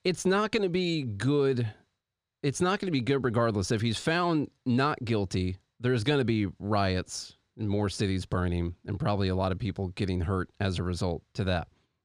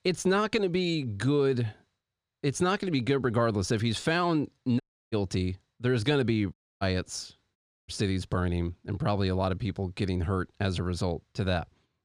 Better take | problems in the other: first | audio cutting out; at 5 s, at 6.5 s and at 7.5 s

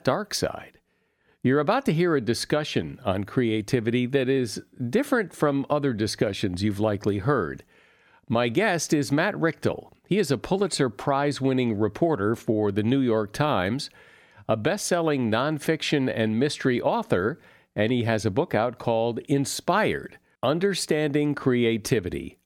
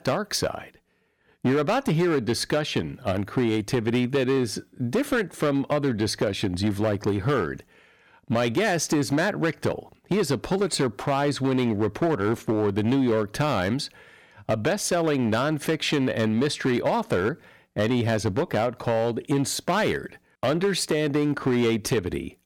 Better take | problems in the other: first | distortion; slight; 9% of the sound clipped

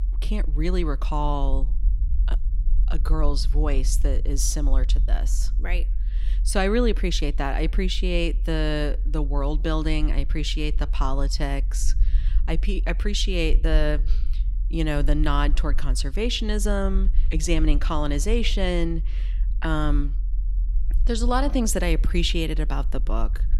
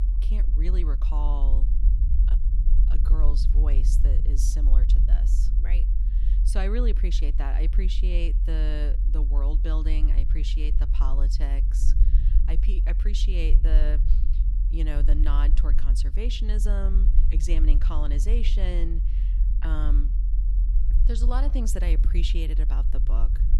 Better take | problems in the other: first | low rumble; loud; throughout; 8 dB below the speech; faint in the first

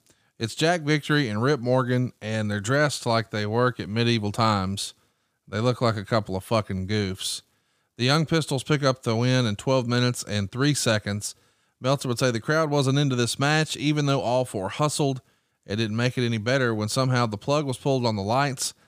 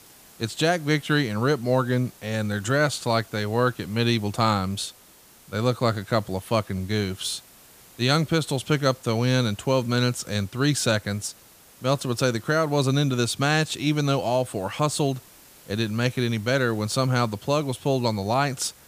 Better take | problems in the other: first | hiss; faint; throughout; 25 dB below the speech

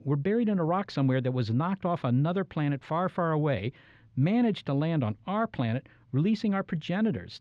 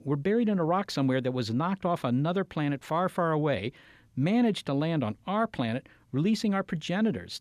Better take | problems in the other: second | muffled; very slightly; fading above 3.5 kHz

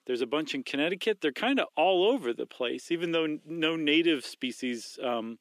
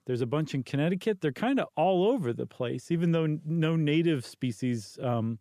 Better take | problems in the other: second | thin; very slightly; fading below 300 Hz

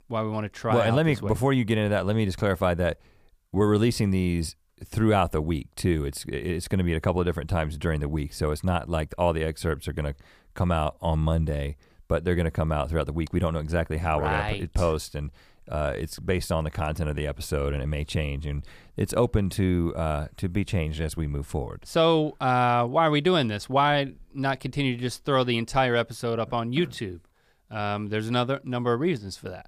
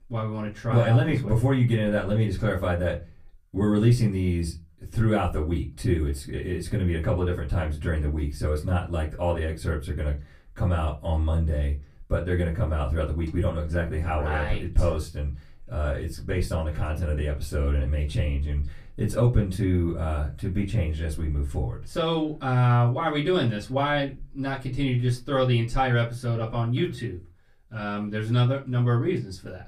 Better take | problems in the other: first | off-mic speech; far // room echo; very slight; dies away in 0.2 s

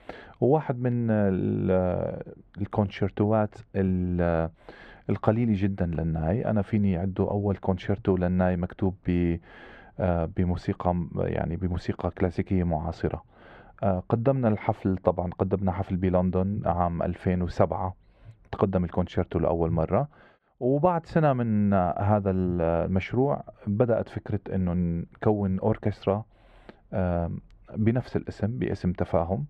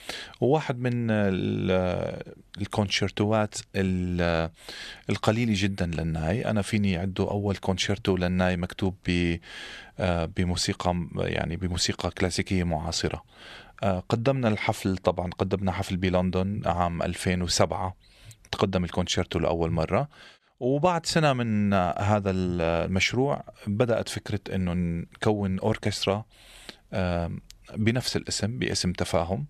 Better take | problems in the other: second | muffled; very; fading above 3 kHz

